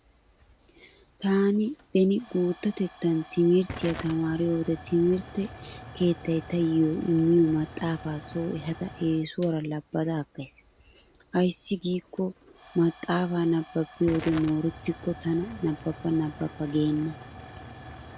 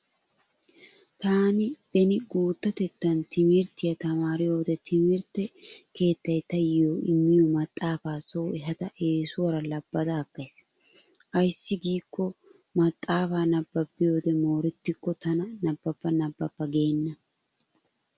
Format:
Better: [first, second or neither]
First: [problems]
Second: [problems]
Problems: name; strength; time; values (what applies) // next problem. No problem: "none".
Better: second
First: background sound (Tick / Hiss / Explosion / Fire); 17 dB below the speech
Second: none